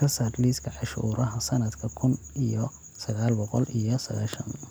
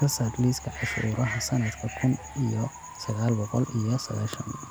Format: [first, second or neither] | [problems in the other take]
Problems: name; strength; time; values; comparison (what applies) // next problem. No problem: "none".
first | background sound (Bird / Fowl); 13 dB below the speech